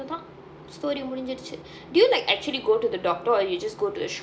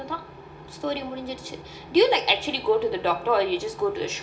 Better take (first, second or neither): first